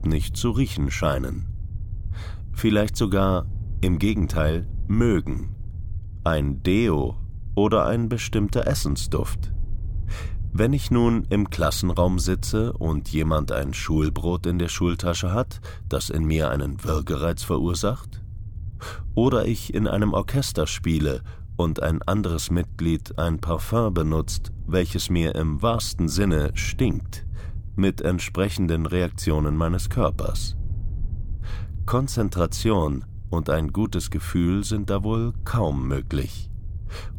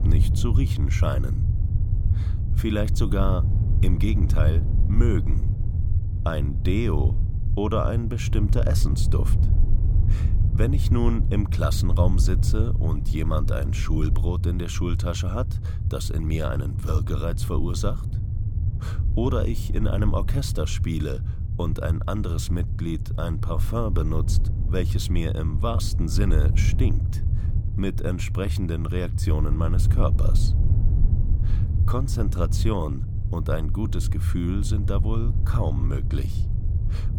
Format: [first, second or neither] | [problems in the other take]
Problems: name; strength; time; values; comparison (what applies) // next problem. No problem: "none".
first | low rumble; loud; throughout; 8 dB below the speech; faint in the first